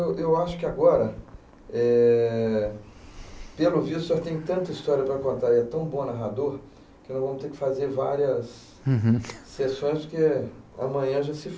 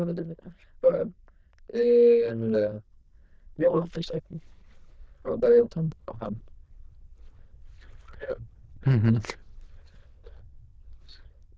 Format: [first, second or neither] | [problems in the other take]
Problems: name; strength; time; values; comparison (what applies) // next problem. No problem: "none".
first | noise reduction (neural diffusion model UNIVERSE++)